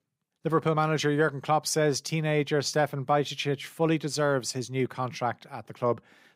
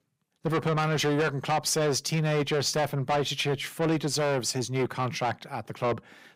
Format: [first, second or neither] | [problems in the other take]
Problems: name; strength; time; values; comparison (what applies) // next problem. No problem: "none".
first | distortion; heavy; 7 dB below the speech